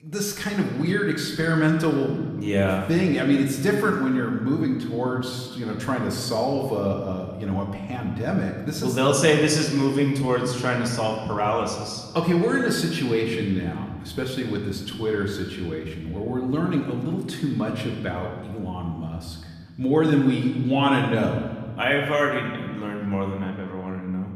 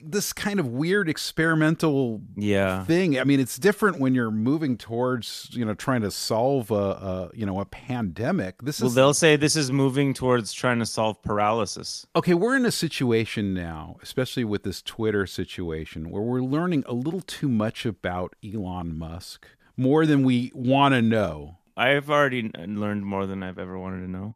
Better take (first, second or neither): second